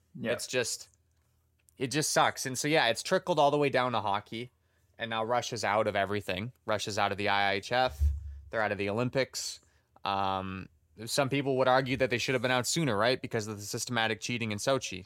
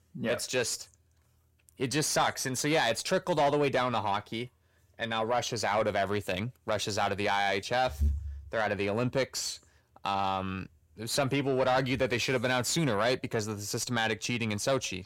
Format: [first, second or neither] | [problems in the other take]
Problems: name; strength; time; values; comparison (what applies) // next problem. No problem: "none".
first | distortion; slight; 10 dB below the speech